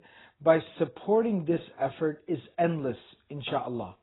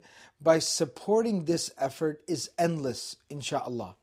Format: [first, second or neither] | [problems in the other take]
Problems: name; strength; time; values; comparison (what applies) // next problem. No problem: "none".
second | garbled, watery; badly; nothing above 4 kHz